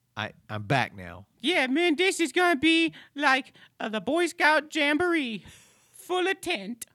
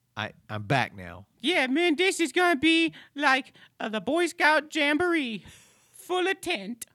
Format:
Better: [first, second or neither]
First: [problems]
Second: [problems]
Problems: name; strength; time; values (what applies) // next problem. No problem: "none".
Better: neither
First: none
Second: none